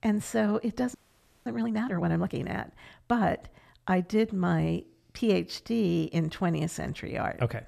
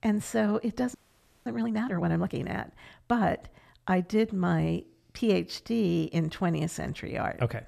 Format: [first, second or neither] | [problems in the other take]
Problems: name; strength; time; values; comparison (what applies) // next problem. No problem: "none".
neither | audio freezing; at 1 s for 0.5 s; the same in both